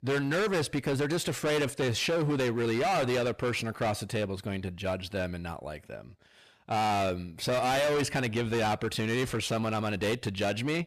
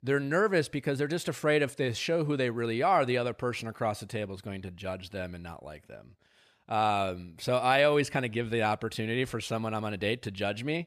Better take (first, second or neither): second